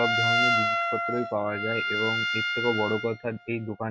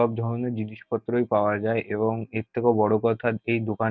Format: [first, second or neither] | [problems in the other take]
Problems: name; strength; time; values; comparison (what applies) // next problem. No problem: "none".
second | noise reduction (classical method log-MMSE)